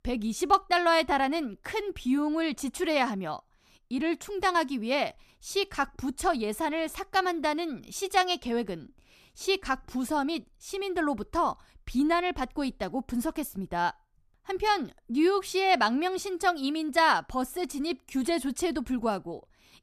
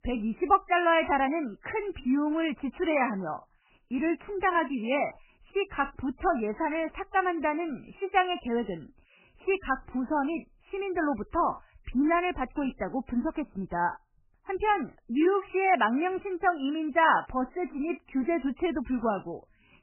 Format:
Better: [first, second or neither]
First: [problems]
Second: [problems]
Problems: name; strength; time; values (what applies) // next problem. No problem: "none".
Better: first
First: none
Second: garbled, watery; badly; nothing above 3 kHz